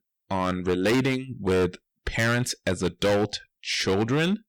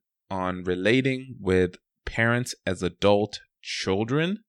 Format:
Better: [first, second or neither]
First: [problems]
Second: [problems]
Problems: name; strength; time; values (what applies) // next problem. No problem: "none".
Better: second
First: distortion; heavy; 12% of the sound clipped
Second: none